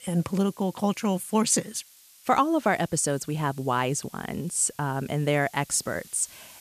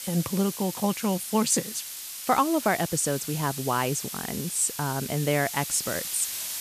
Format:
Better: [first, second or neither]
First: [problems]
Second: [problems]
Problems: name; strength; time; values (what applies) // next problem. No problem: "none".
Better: first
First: hiss; faint; throughout; 25 dB below the speech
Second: hiss; loud; throughout; 7 dB below the speech